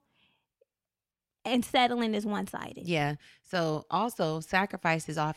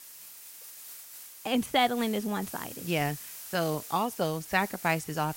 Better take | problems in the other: first | hiss; noticeable; throughout; 10 dB below the speech

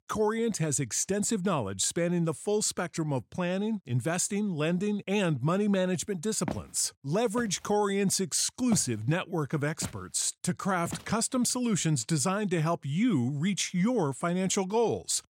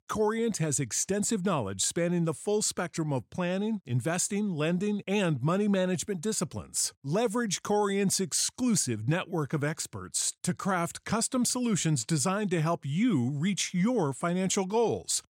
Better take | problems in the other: second | footsteps; faint; from 6.5 to 11 s; peak 10 dB below the speech

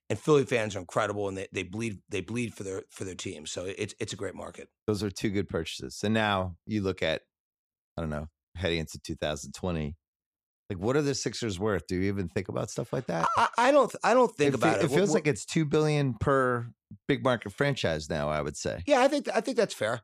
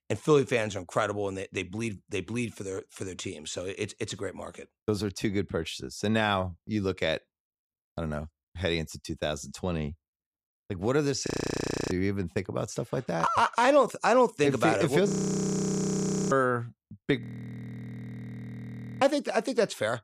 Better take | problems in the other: first | audio freezing; at 11 s for 0.5 s, at 15 s for 1 s and at 17 s for 2 s

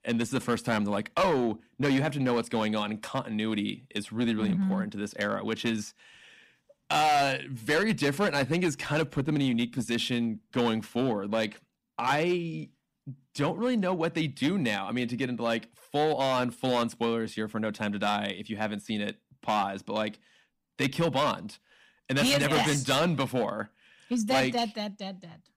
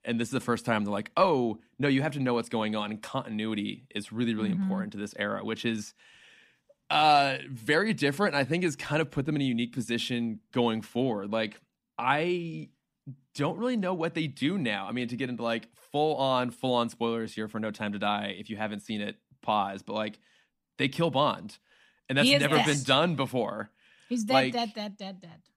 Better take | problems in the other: second | distortion; slight; 6% of the sound clipped

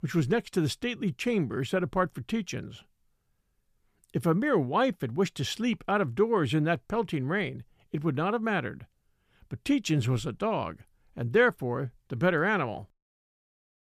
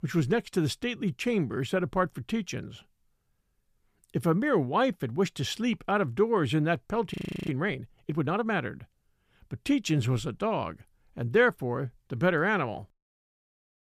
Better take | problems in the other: first | audio freezing; at 7 s

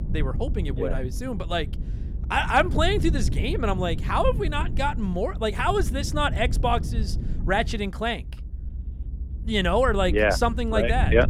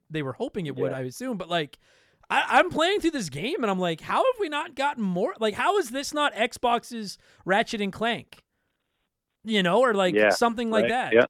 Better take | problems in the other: second | low rumble; noticeable; throughout; 20 dB below the speech

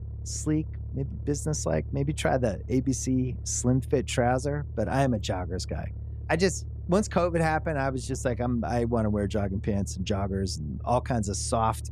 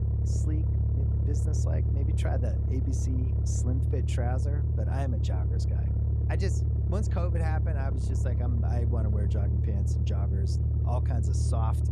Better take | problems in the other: first | low rumble; loud; throughout; 1 dB below the speech; faint in the first

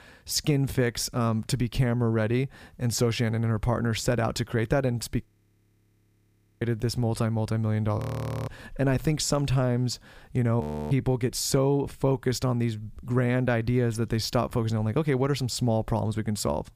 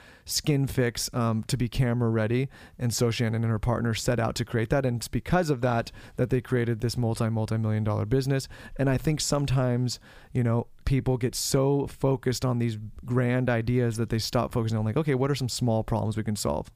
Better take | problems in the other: second | audio freezing; at 5.5 s for 1.5 s, at 8 s and at 11 s

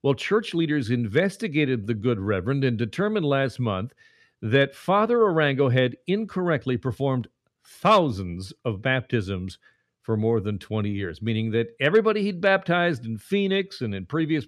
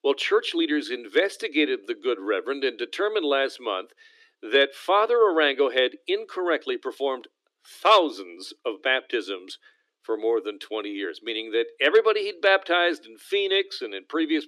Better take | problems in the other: first | thin; very; fading below 300 Hz

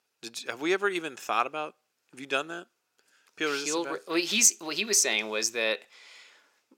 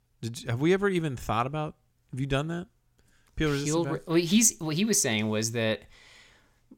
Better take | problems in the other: second | thin; very; fading below 350 Hz

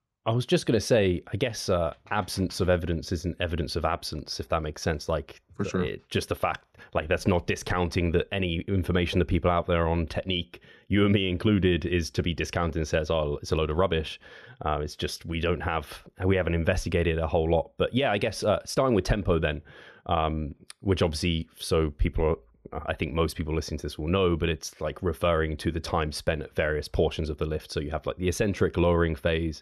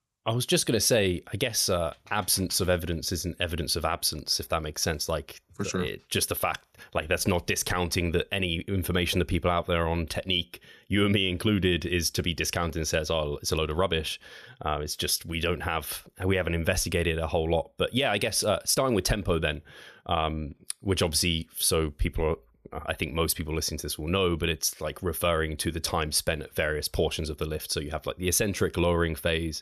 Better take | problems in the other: second | muffled; slightly; fading above 1.5 kHz

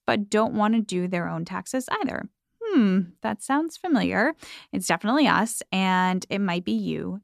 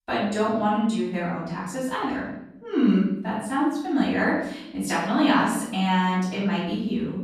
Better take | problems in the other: first | off-mic speech; far // room echo; noticeable; dies away in 0.8 s

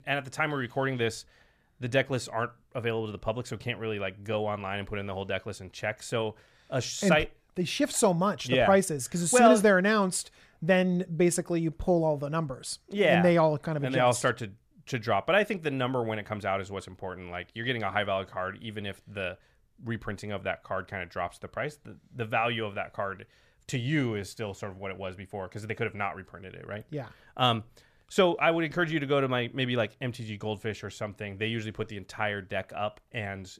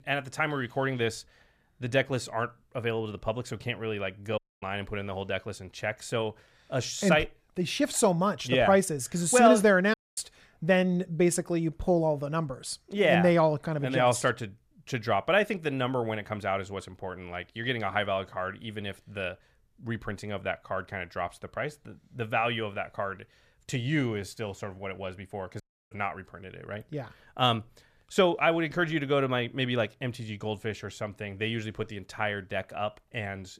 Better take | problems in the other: first | audio cutting out; at 4.5 s, at 10 s and at 26 s

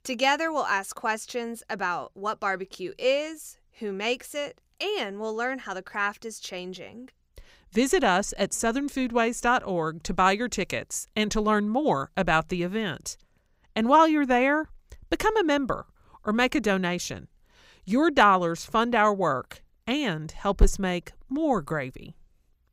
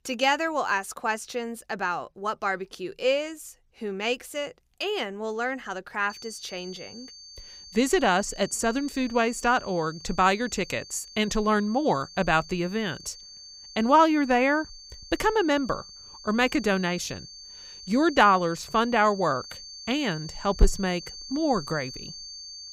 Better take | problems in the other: first | high-pitched whine; noticeable; from 6 s on; 4.5 kHz, 15 dB below the speech

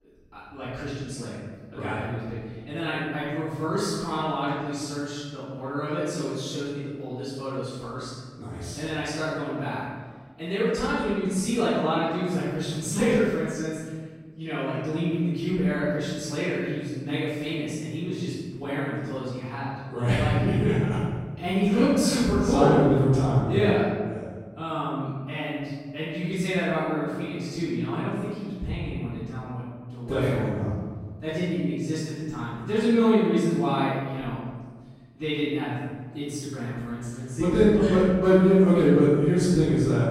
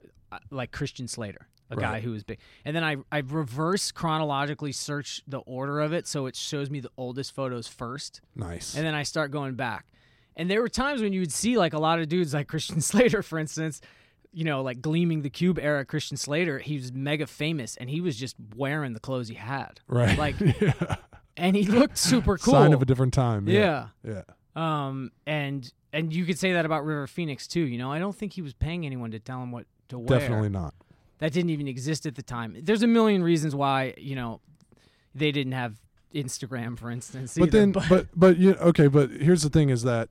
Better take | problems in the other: second | room echo; strong; dies away in 1.4 s // off-mic speech; far

